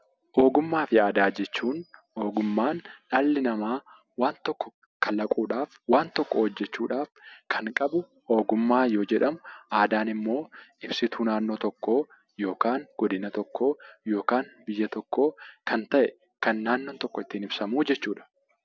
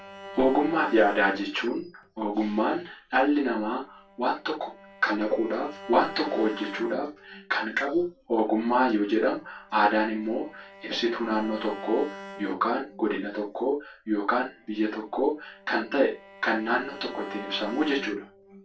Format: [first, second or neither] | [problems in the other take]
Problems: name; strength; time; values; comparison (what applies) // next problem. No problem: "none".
first | background sound (Bowed string instrument); 17 dB below the speech // room echo; dies away in 0.2 s